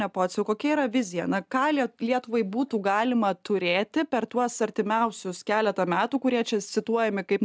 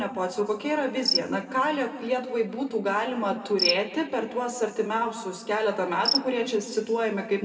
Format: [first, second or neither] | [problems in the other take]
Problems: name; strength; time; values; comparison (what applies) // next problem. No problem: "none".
first | background sound (Cricket); 8 dB below the speech // room echo; dies away in 1.3 s